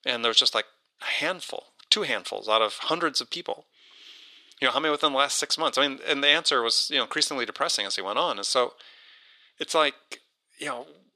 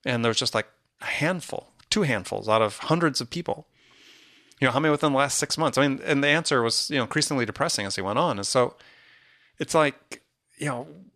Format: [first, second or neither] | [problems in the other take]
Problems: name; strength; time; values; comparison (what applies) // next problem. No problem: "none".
second | thin; somewhat; fading below 400 Hz